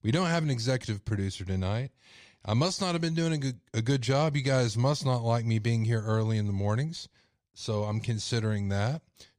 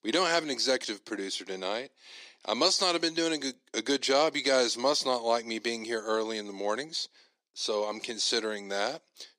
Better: first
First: none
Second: thin; very; fading below 300 Hz

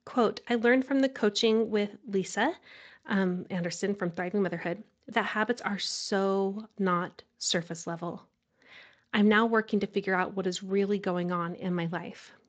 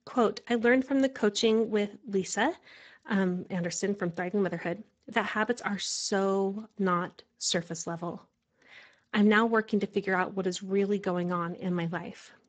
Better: first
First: garbled, watery; slightly; nothing above 7.5 kHz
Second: garbled, watery; badly; nothing above 7.5 kHz

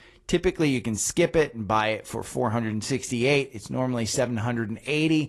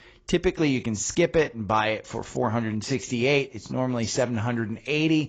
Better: first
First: garbled, watery; slightly; nothing above 11.5 kHz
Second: garbled, watery; badly; nothing above 7.5 kHz

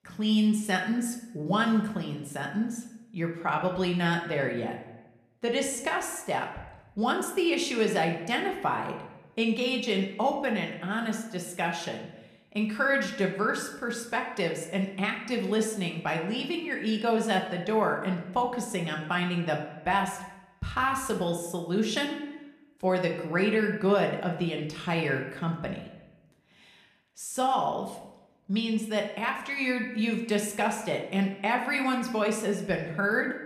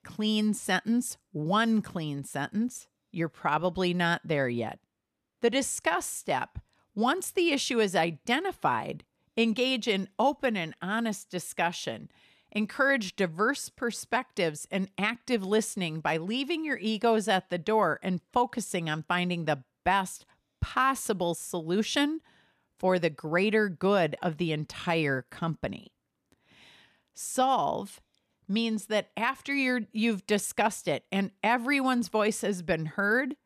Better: second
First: room echo; slight; dies away in 0.7 s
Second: none

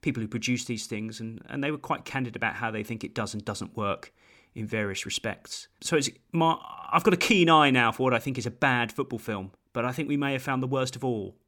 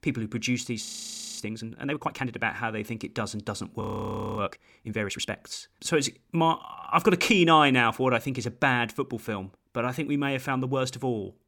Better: first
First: none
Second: audio freezing; at 1 s for 0.5 s and at 4 s for 0.5 s

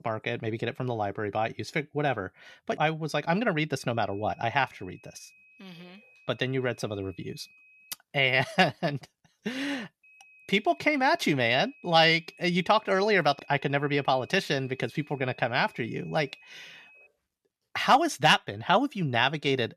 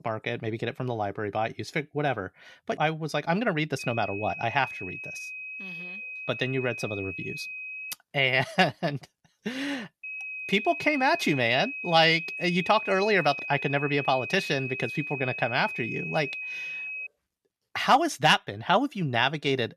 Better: first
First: high-pitched whine; faint; from 4 to 8 s and from 10 to 17 s; 2.5 kHz, 25 dB below the speech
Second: high-pitched whine; loud; from 4 to 8 s and from 10 to 17 s; 2.5 kHz, 7 dB below the speech

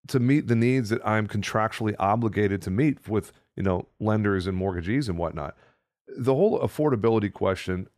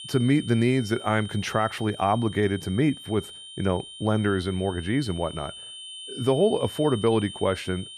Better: first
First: none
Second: high-pitched whine; noticeable; throughout; 3 kHz, 15 dB below the speech

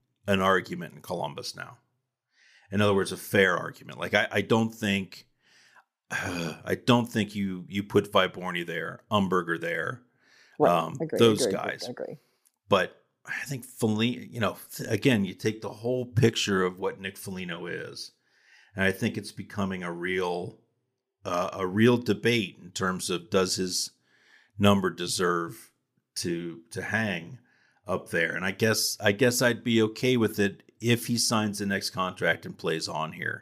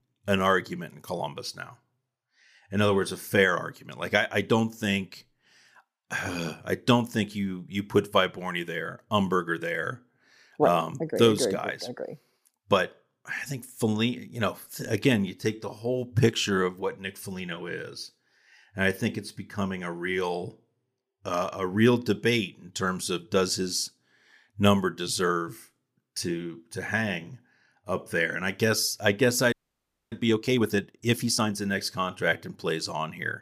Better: first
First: none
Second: audio freezing; at 30 s for 0.5 s

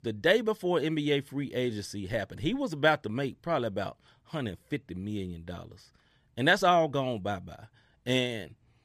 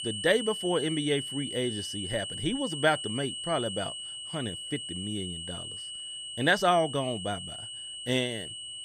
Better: first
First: none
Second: high-pitched whine; loud; throughout; 3 kHz, 6 dB below the speech

